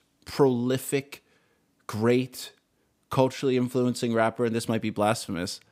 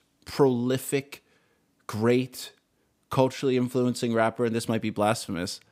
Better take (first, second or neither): neither